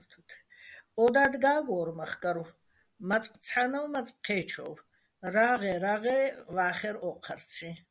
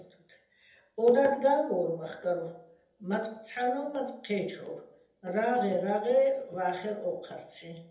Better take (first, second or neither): first